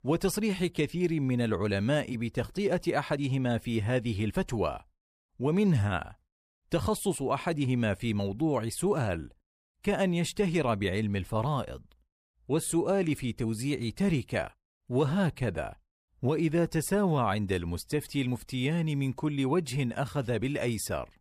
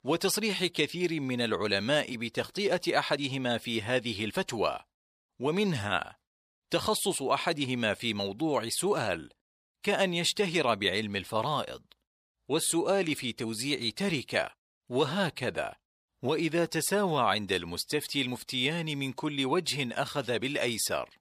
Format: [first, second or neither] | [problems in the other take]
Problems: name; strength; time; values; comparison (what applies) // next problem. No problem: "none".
first | thin; very slightly; fading below 1 kHz